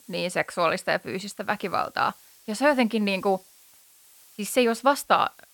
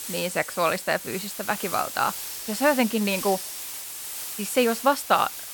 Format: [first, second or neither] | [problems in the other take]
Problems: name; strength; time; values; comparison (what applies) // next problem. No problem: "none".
first | hiss; loud; throughout; 7 dB below the speech; faint in the first